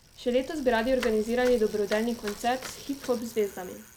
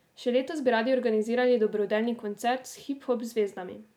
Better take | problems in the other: second | background sound (Bicycle); 15 dB below the speech

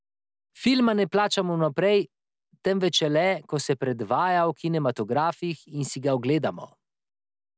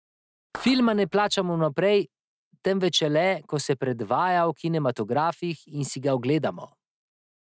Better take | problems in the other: first | noise reduction (neural mask model RNNoise)

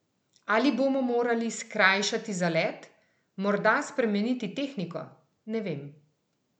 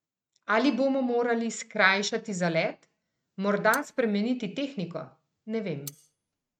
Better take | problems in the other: first | noise reduction (neural mask model RNNoise)

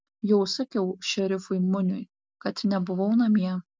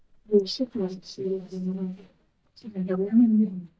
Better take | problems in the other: first | noise reduction (neural mask model DeepFilterNet 3)

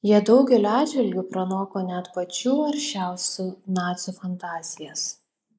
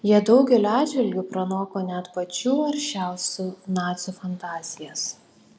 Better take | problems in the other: second | noise reduction (neural mask model Resemble Enhance denoiser)

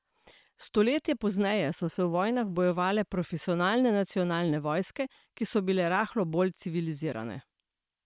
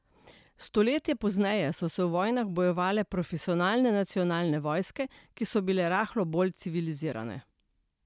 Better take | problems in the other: second | noise reduction (neural separator model SepFormer WHAM!)

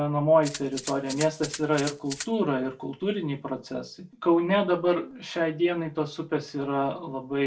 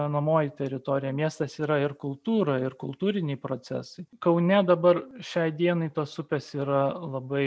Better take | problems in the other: second | background sound (Rattle (instrument)); 12 dB below the speech // room echo; dies away in 0.2 s

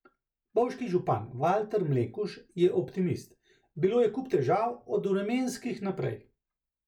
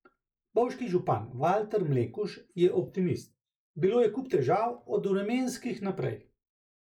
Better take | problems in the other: first | noise reduction (neural mask model Resemble Enhance denoiser)

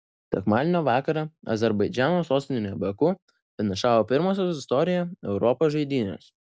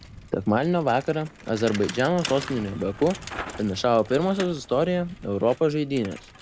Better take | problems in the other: first | background sound (Bicycle); 15 dB below the speech

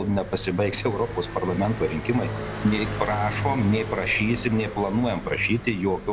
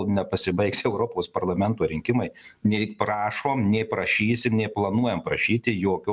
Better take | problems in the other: second | background sound (Car passing by); 7 dB below the speech

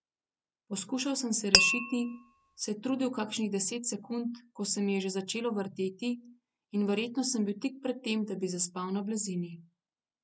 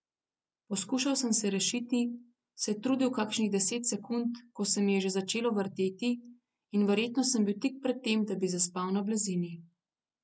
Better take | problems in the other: second | background sound (Glass); 4 dB above the speech

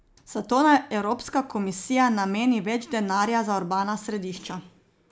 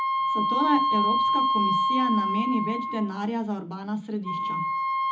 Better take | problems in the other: first | background sound (Wind instrument, woodwind instrument); 4 dB above the speech // room echo; dies away in 0.4 s

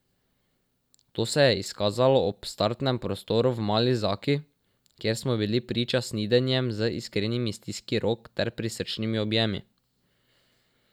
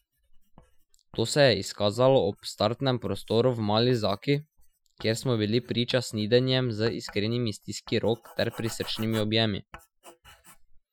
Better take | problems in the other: first | noise reduction (classical method Wiener filter)

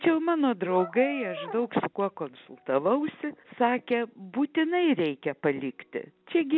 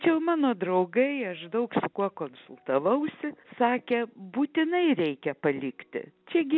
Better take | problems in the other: second | background sound (Brass instrument); 12 dB below the speech

